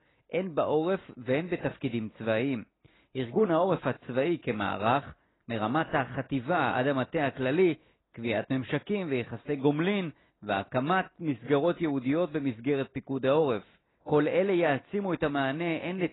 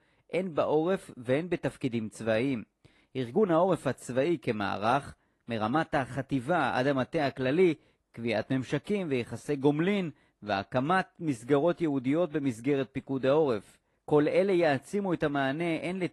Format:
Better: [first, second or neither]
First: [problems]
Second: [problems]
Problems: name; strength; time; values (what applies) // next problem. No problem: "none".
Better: second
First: garbled, watery; badly; nothing above 4 kHz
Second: garbled, watery; slightly; nothing above 11.5 kHz